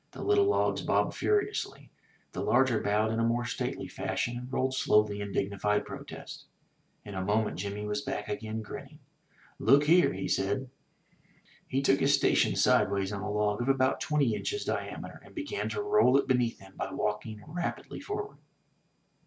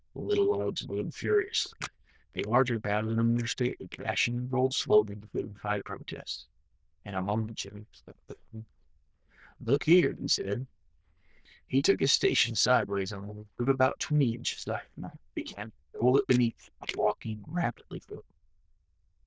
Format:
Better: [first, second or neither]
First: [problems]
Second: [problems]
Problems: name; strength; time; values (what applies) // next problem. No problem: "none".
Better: first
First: none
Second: noise reduction (neural diffusion model UNIVERSE++)